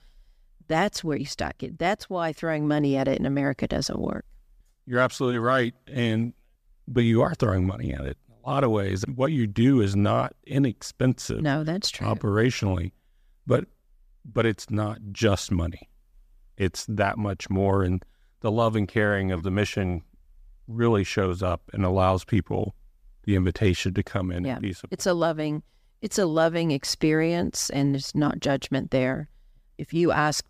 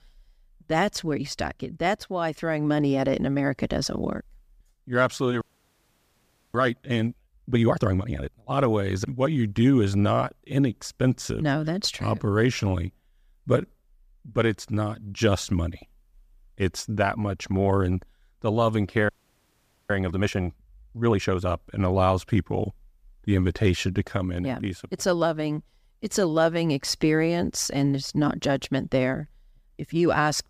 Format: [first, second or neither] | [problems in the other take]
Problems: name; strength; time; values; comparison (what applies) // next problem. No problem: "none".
first | audio freezing; at 5.5 s for 1 s and at 19 s for 1 s